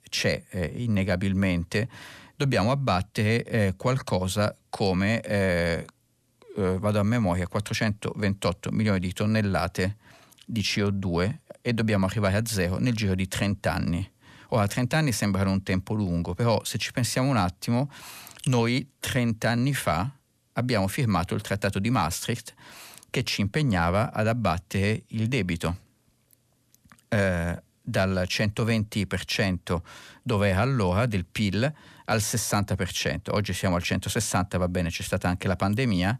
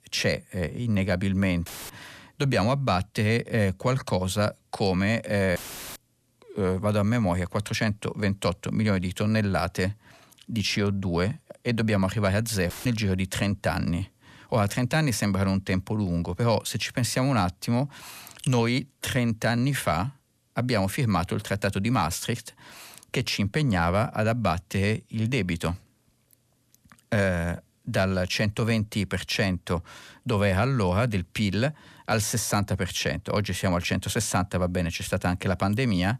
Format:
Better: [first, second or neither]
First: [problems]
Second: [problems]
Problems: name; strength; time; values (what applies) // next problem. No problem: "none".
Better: first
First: none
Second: audio cutting out; filled with static; at 1.5 s, at 5.5 s and at 13 s